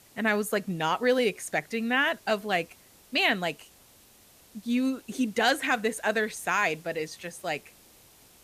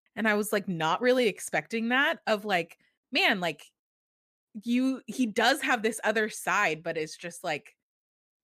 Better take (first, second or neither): second